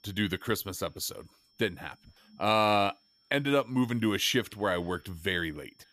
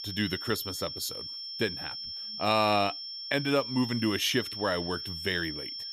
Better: first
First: high-pitched whine; faint; throughout; 5.5 kHz, 35 dB below the speech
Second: high-pitched whine; loud; throughout; 5.5 kHz, 6 dB below the speech

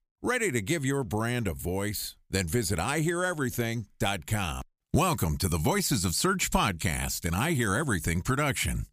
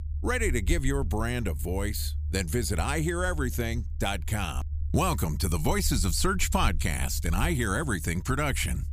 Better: first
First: none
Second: low rumble; faint; throughout; 20 dB below the speech

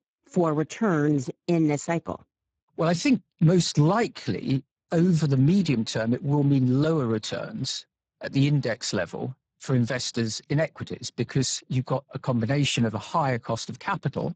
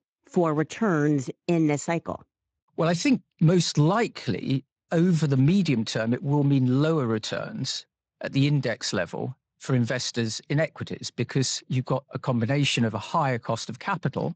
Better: second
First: garbled, watery; badly; nothing above 7.5 kHz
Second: garbled, watery; slightly; nothing above 7.5 kHz

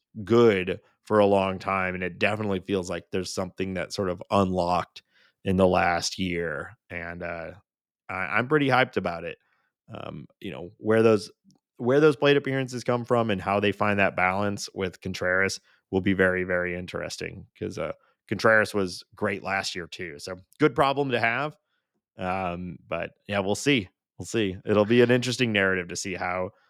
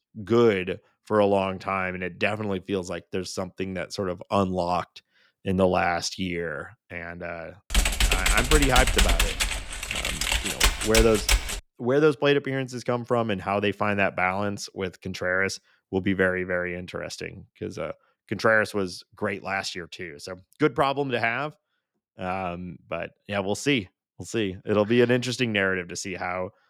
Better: first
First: none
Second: keyboard typing; loud; from 7.5 to 12 s; peak 4 dB above the speech

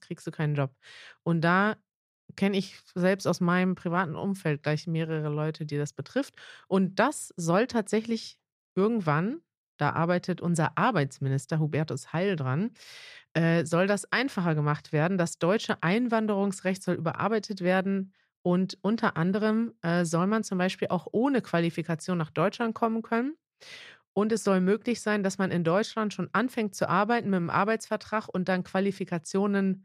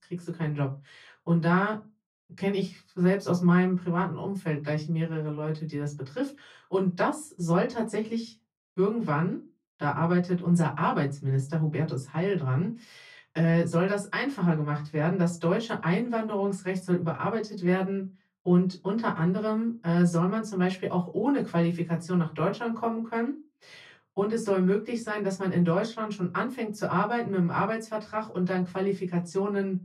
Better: first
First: none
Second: off-mic speech; far // room echo; very slight; dies away in 0.2 s

